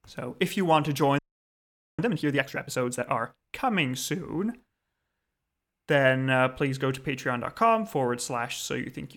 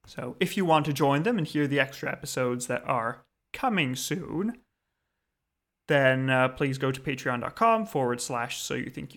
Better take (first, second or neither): second